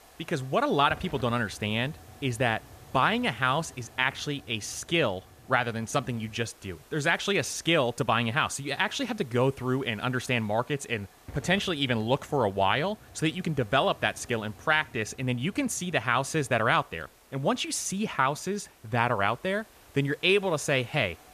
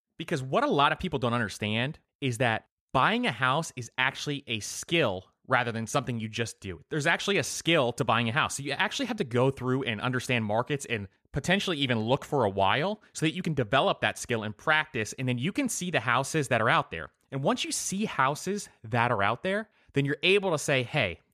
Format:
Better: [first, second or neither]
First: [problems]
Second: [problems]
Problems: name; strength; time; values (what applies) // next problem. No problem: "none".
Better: second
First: hiss; faint; throughout; 25 dB below the speech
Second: none